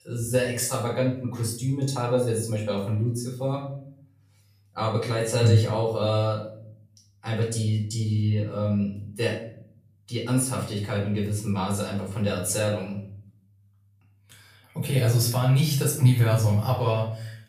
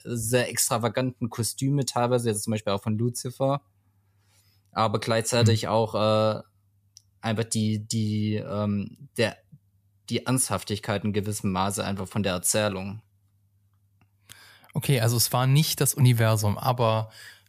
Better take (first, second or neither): second